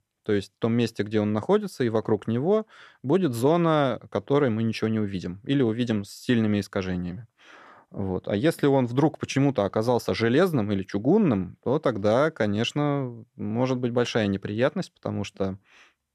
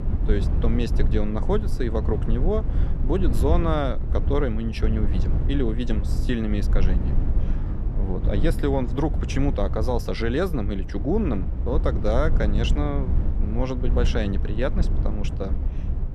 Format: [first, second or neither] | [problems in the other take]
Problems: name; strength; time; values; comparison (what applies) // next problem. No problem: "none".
first | low rumble; noticeable; throughout; 10 dB below the speech